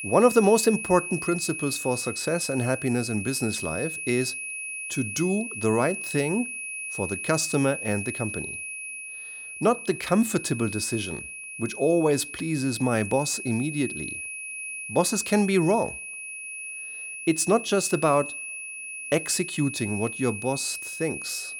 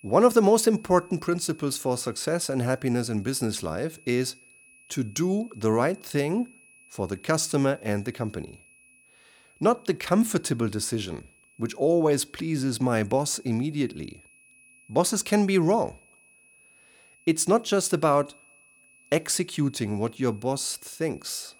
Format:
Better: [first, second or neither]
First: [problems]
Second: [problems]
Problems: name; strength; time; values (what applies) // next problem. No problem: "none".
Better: second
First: high-pitched whine; loud; throughout; 2.5 kHz, 7 dB below the speech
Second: high-pitched whine; faint; throughout; 2.5 kHz, 30 dB below the speech